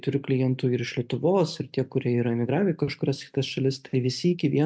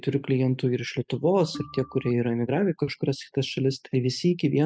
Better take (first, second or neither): first